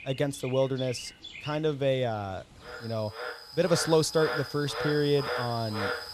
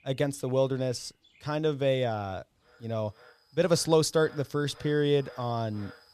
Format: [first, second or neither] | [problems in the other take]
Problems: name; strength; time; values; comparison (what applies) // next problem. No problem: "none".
second | animal sounds; loud; throughout; 8 dB below the speech; faint in the second